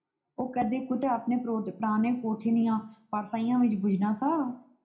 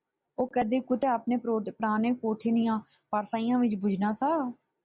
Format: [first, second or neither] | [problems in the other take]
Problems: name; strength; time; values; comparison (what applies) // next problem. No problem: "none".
second | room echo; dies away in 0.3 s